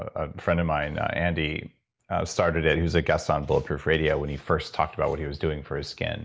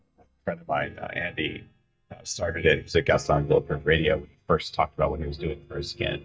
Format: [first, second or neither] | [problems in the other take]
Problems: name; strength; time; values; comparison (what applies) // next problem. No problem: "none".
first | noise reduction (neural mask model DeepFilterNet 3)